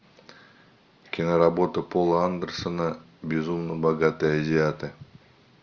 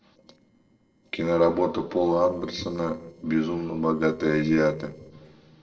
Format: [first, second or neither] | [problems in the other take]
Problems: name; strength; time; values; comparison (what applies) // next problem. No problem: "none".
first | noise reduction (neural separator model SepFormer DNS4)